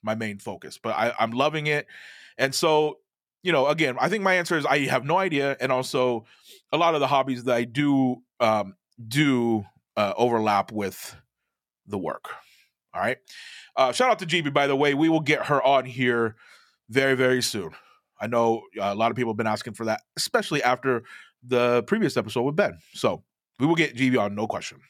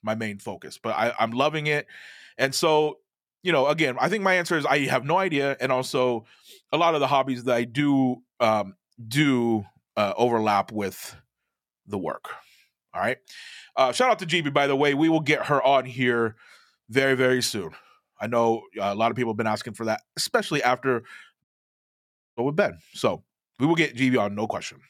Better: first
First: none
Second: audio cutting out; at 21 s for 1 s

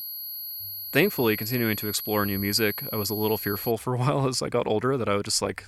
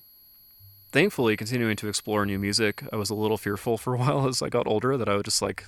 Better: second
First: high-pitched whine; loud; until 3.5 s; 11.5 kHz, 7 dB below the speech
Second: high-pitched whine; faint; until 3.5 s; 11.5 kHz, 25 dB below the speech

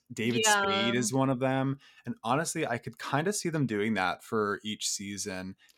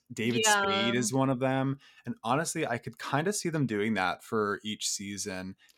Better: neither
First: none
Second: none

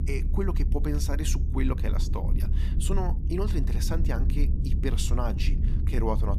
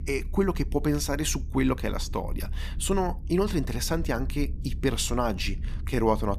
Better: second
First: low rumble; loud; throughout; 9 dB below the speech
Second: low rumble; faint; throughout; 25 dB below the speech

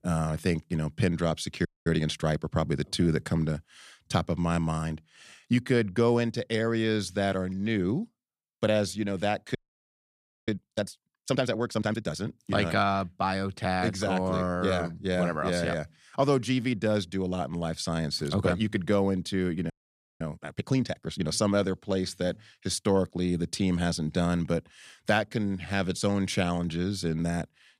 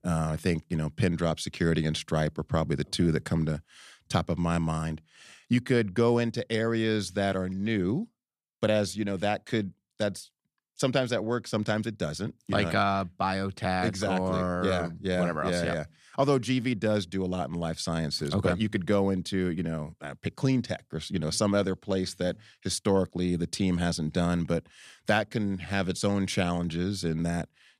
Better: second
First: audio freezing; at 1.5 s, at 9.5 s for 1 s and at 20 s for 0.5 s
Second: none

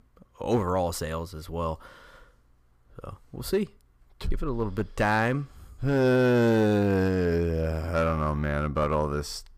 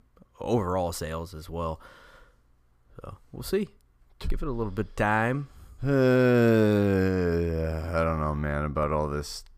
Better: second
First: distortion; slight; 3% of the sound clipped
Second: none

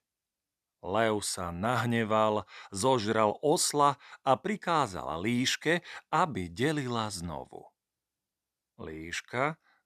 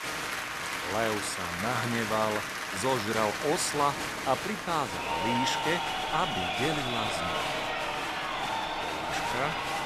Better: first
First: none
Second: crowd noise; very loud; throughout; as loud as the speech

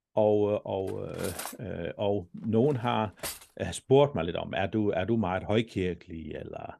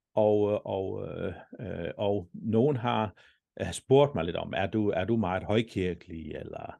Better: second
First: clattering dishes; noticeable; from 1 to 3.5 s; peak 9 dB below the speech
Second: none

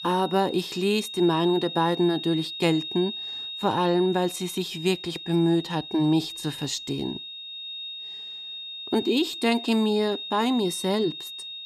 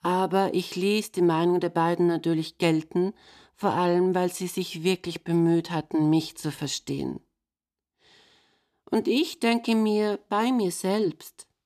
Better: second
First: high-pitched whine; loud; throughout; 3.5 kHz, 9 dB below the speech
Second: none

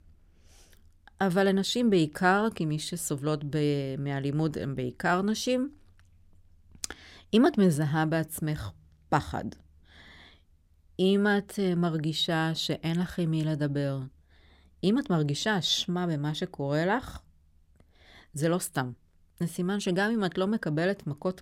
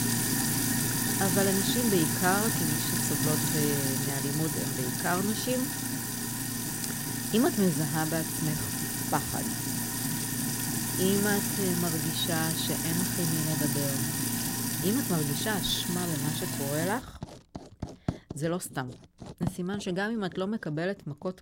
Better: first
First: none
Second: household noises; very loud; throughout; 2 dB above the speech

